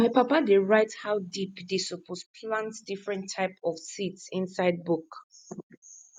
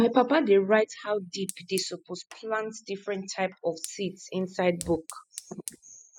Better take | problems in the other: first | noise reduction (classical method spectral subtraction)

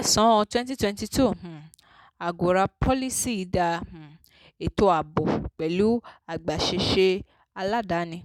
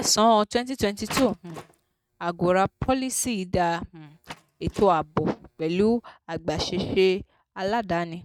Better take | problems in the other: first | noise reduction (neural mask model RNNoise)

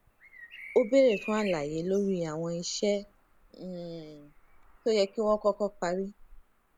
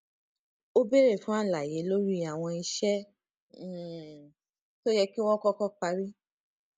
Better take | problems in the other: second | background sound (Bird vocalization, bird call, bird song); 19 dB below the speech

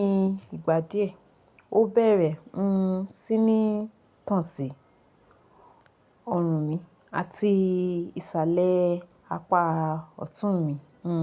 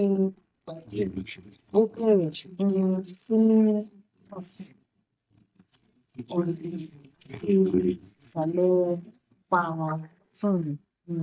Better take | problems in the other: first | noise reduction (neural mask model DeepFilterNet 3)

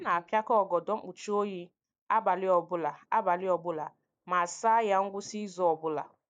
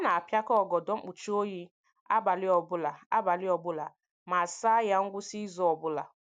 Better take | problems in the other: second | noise reduction (neural mask model DeepFilterNet 3)

